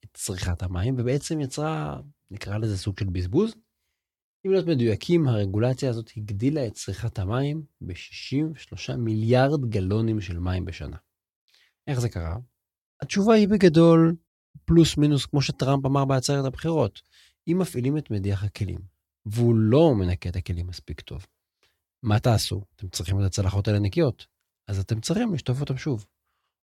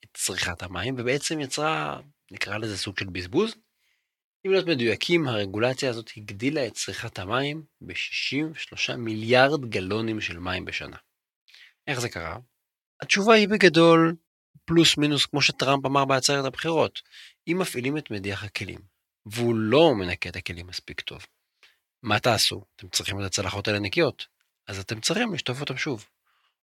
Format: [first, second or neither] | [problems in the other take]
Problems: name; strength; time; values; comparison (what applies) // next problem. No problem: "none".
first | thin; somewhat; fading below 950 Hz